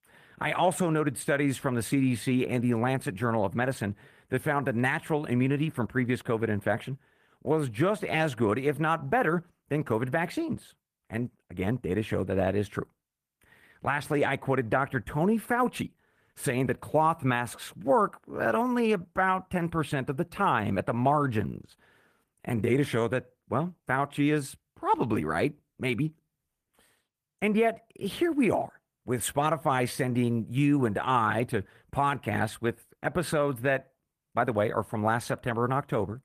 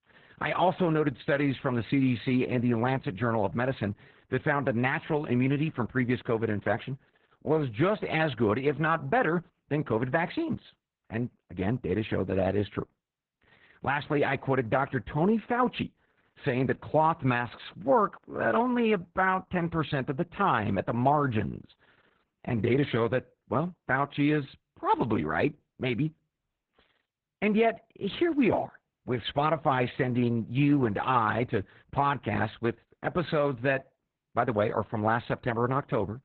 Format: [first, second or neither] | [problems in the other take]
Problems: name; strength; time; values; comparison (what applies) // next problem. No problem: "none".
first | garbled, watery; badly; nothing above 4 kHz; slightly in the first